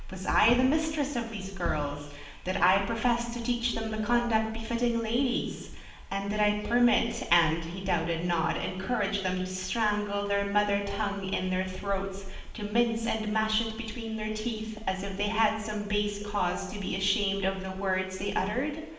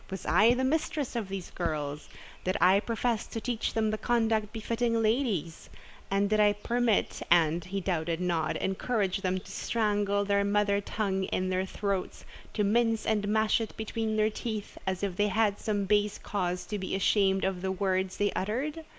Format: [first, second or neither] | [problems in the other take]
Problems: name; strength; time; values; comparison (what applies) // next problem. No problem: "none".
second | background sound (Ringtone); 16 dB below the speech // room echo; dies away in 0.9 s